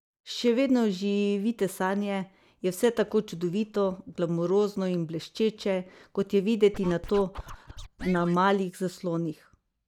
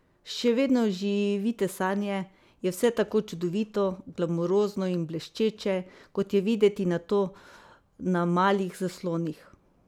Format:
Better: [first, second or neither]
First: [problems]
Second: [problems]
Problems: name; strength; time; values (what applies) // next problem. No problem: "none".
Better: second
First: noise reduction (neural mask model DeepFilterNet 3)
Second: none